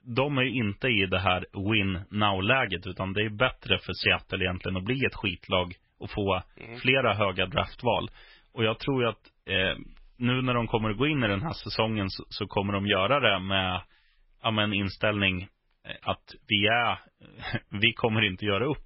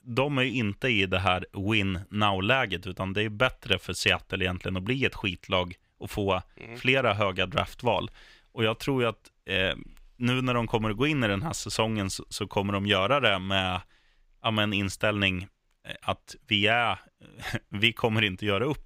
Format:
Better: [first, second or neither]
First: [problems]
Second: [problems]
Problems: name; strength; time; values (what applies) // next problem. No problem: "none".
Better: second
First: garbled, watery; badly; nothing above 5.5 kHz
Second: none